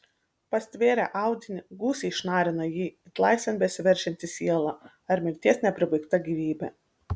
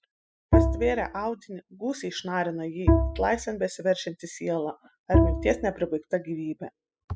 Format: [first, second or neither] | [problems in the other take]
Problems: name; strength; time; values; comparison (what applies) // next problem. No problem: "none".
first | noise reduction (classical method spectral subtraction)